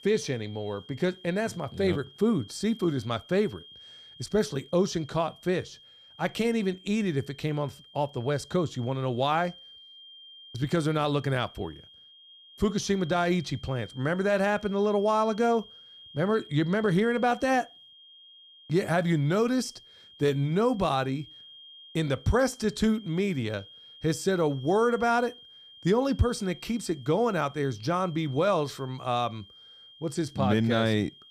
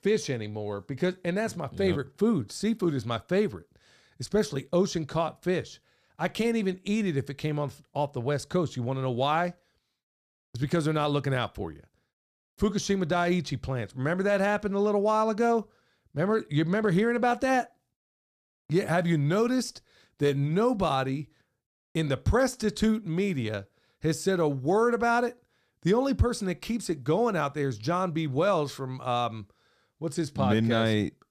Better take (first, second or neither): second